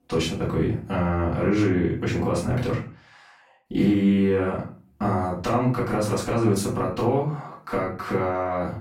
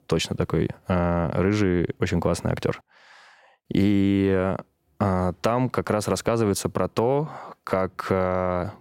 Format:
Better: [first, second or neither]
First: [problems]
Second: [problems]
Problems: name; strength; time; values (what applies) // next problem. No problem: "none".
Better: second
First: off-mic speech; far // room echo; noticeable; dies away in 0.3 s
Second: none